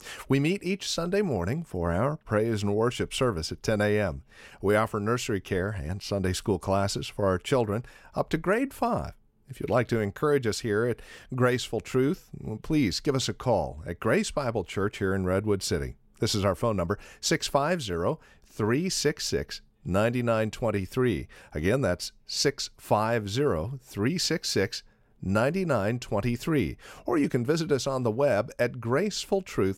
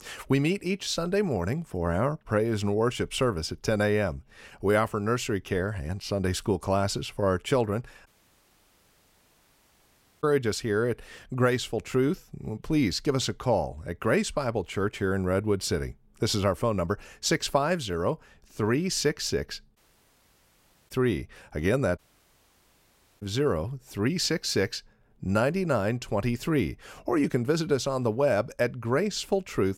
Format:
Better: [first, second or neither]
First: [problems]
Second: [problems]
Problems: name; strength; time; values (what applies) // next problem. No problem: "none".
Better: first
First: none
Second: audio cutting out; at 8 s for 2 s, at 20 s for 1 s and at 22 s for 1 s